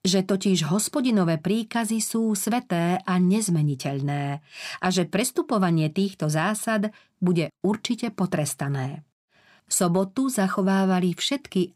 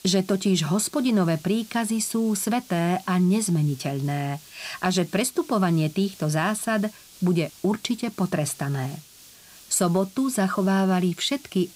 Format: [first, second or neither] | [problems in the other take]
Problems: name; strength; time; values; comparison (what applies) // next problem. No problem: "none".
first | hiss; faint; throughout; 20 dB below the speech